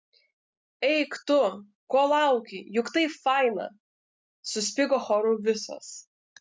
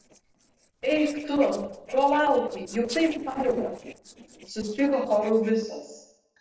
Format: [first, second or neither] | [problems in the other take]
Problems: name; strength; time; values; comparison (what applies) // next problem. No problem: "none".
first | noise reduction (neural separator model SepFormer DNS4)